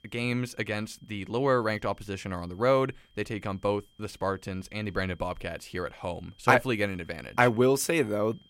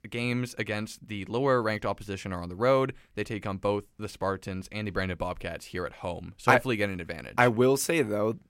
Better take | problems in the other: second | high-pitched whine; faint; throughout; 3 kHz, 35 dB below the speech

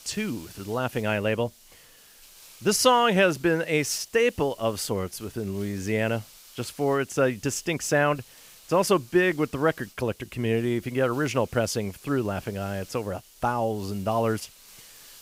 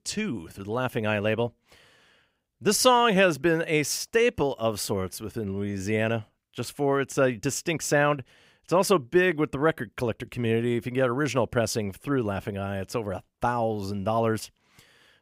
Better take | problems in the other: second | hiss; faint; throughout; 25 dB below the speech

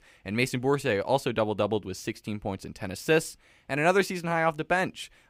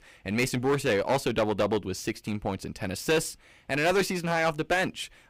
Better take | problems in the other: first | distortion; heavy; 9% of the sound clipped

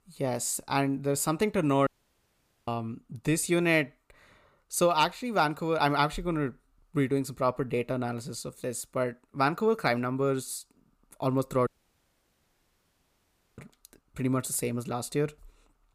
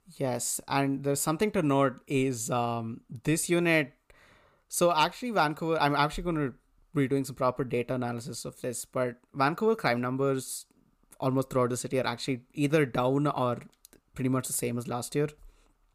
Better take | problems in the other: second | audio cutting out; at 2 s for 1 s and at 12 s for 2 s

